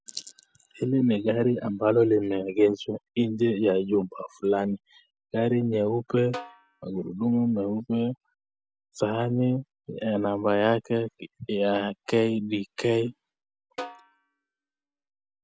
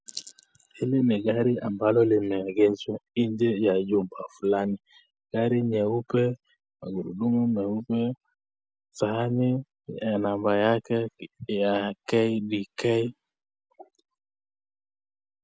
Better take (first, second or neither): second